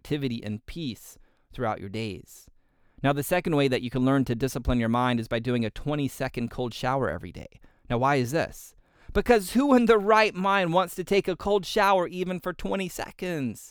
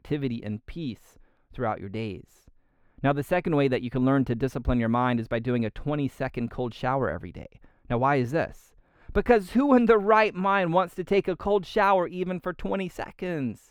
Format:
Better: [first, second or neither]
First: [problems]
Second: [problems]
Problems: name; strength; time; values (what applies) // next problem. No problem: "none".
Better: first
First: none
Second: muffled; slightly; fading above 3.5 kHz